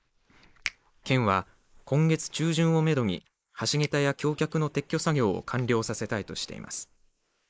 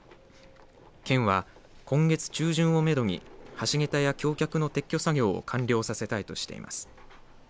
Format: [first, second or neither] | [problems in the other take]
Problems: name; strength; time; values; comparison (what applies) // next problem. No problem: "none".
second | noise reduction (neural mask model Resemble Enhance denoiser)